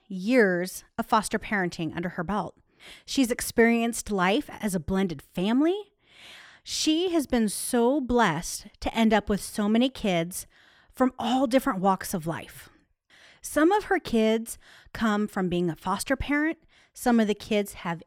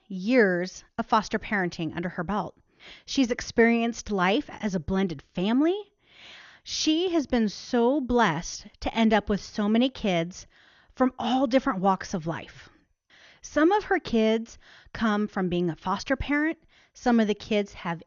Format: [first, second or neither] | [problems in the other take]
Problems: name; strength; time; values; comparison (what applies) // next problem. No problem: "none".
first | garbled, watery; slightly; nothing above 6.5 kHz